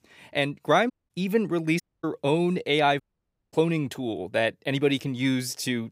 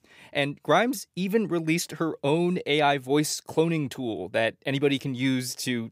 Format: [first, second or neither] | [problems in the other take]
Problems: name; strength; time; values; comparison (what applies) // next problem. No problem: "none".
second | audio cutting out; at 1 s, at 2 s and at 3 s for 0.5 s